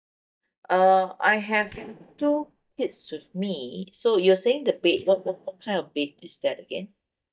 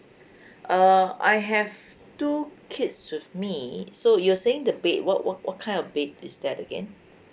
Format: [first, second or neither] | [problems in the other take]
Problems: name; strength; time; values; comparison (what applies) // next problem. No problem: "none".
second | noise reduction (neural mask model DeepFilterNet 3)